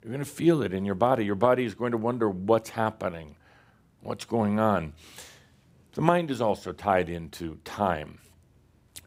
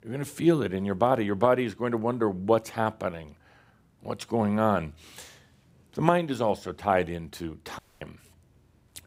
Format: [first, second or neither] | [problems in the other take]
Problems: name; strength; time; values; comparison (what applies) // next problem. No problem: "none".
first | audio cutting out; at 8 s